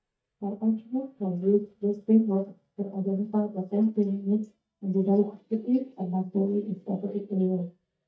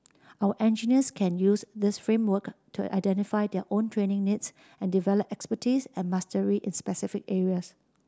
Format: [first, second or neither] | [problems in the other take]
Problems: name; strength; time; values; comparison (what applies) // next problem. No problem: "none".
second | noise reduction (neural mask model DeepFilterNet 3)